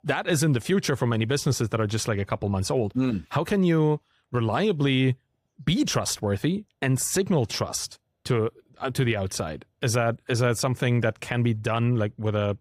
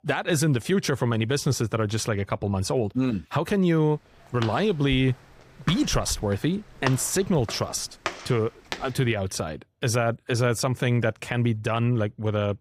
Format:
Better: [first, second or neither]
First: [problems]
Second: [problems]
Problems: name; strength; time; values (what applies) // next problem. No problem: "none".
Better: first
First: none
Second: footsteps; noticeable; from 4.5 to 9 s; peak 8 dB below the speech